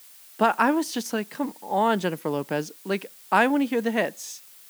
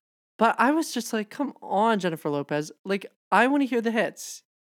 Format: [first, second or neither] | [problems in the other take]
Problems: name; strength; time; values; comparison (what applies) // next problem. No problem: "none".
second | hiss; faint; throughout; 20 dB below the speech